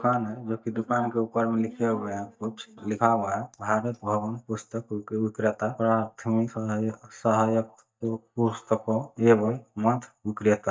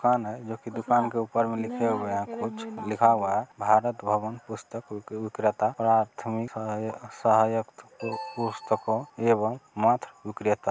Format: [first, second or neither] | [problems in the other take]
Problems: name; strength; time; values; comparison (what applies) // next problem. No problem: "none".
second | noise reduction (neural mask model DeepFilterNet 3)